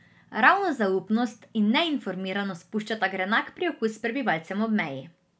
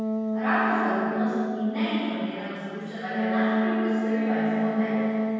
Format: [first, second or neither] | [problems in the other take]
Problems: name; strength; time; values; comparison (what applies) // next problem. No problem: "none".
first | background sound (Wind instrument, woodwind instrument); 2 dB above the speech // room echo; dies away in 2.2 s